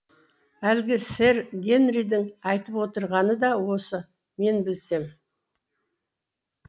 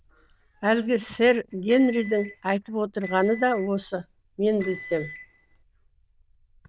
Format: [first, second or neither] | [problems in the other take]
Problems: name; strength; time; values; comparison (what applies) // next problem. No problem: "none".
first | noise reduction (neural diffusion model UNIVERSE++)